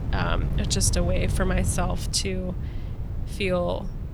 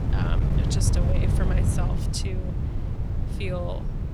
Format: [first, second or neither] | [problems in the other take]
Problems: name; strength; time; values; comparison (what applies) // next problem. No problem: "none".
first | wind noise on the microphone; heavy; 2 dB below the speech; occasional gusts in the first